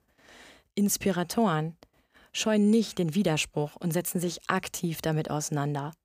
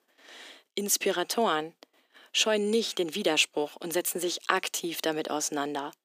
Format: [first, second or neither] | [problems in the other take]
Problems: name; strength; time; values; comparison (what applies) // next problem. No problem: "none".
first | thin; somewhat; fading below 300 Hz